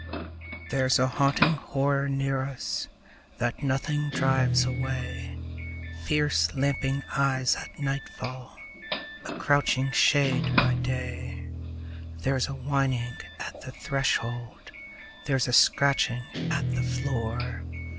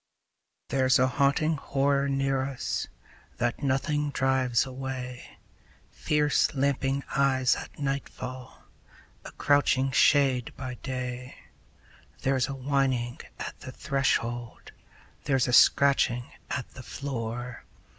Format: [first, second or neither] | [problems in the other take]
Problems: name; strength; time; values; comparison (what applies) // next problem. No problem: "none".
second | background sound (Guitar + Doorbell); 5 dB below the speech